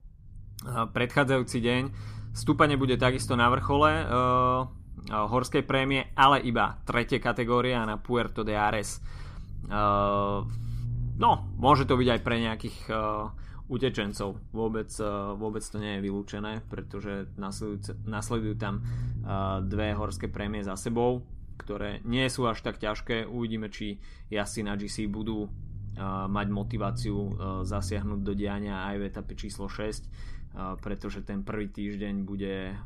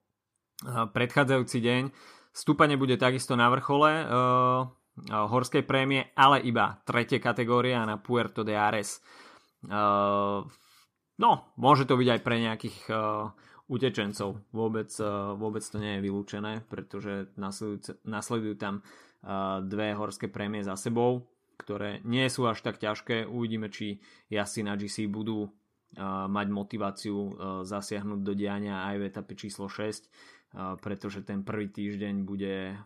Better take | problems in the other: second | low rumble; faint; throughout; 25 dB below the speech

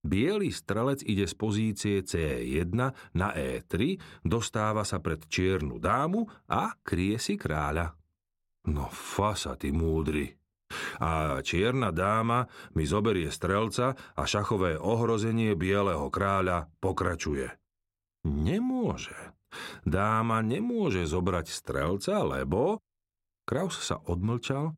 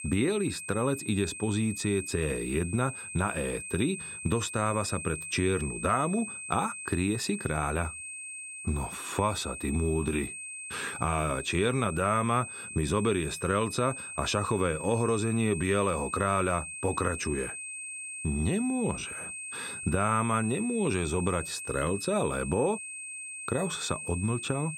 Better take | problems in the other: first | high-pitched whine; loud; throughout; 2.5 kHz, 7 dB below the speech

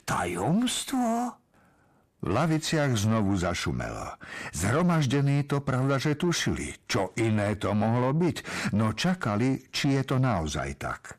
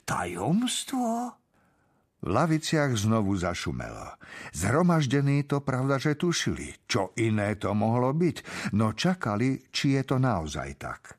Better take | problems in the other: second | distortion; slight; 10 dB below the speech

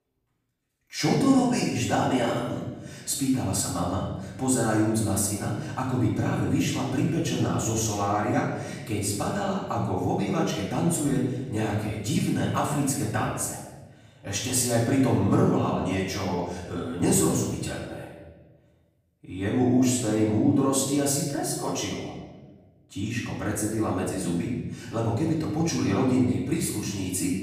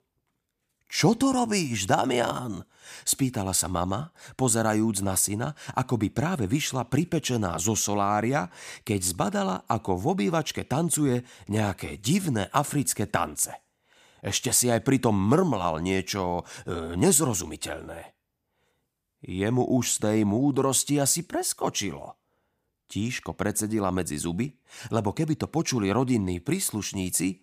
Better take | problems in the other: second | room echo; noticeable; dies away in 1.2 s // off-mic speech; far

